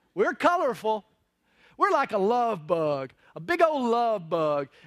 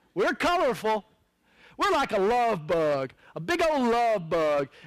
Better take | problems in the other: first | distortion; heavy; 19% of the sound clipped

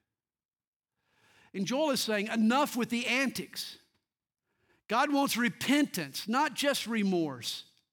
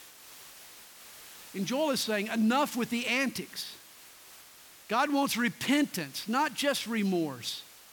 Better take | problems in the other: first | hiss; noticeable; throughout; 20 dB below the speech

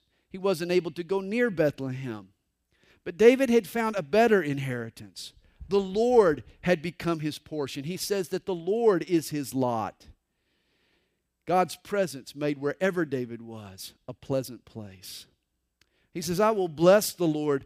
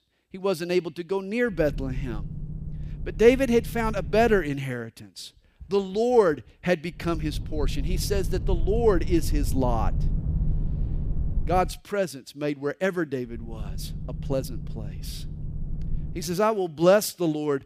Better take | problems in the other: first | low rumble; noticeable; from 1.5 to 4.5 s, from 7 to 12 s and from 13 to 16 s; 20 dB below the speech

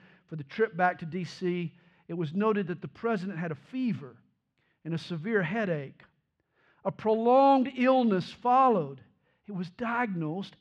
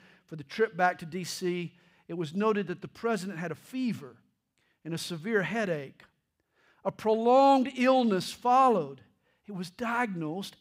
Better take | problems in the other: second | muffled; slightly; fading above 3 kHz

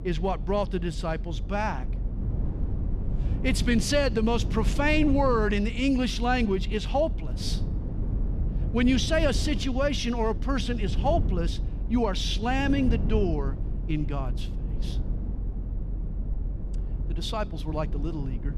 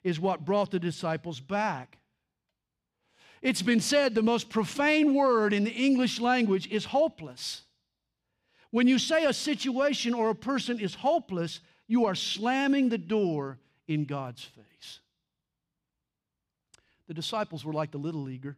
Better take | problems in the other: second | low rumble; noticeable; throughout; 15 dB below the speech

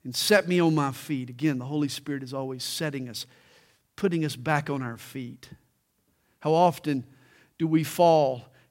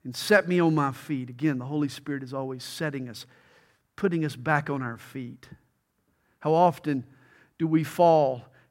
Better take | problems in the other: first | muffled; very slightly; fading above 2 kHz

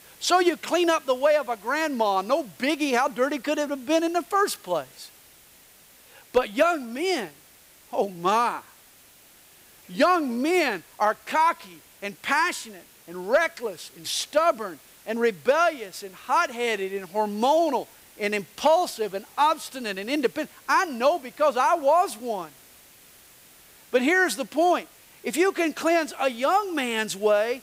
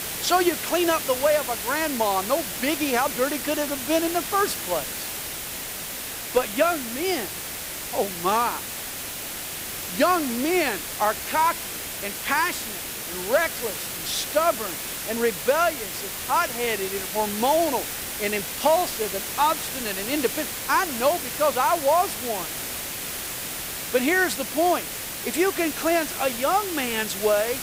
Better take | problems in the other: first | hiss; loud; throughout; 5 dB below the speech; faint in the first

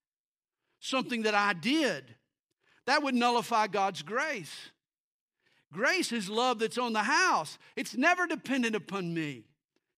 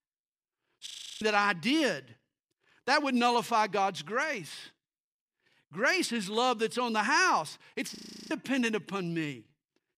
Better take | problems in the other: first | audio freezing; at 1 s and at 8 s

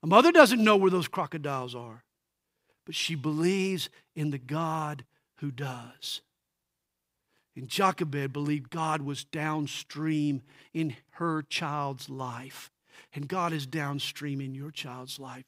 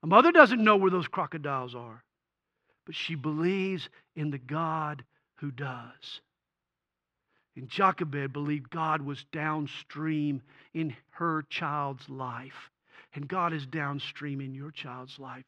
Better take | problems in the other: first | muffled; slightly; fading above 2.5 kHz

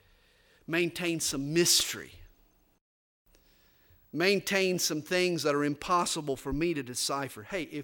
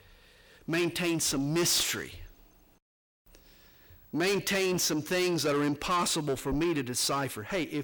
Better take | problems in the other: first | distortion; heavy; 7 dB below the speech

